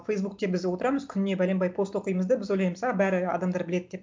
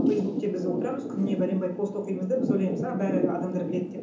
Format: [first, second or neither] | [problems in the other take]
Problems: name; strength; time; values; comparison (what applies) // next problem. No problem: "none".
first | background sound (Thunder / Rain); 2 dB below the speech // room echo; dies away in 0.8 s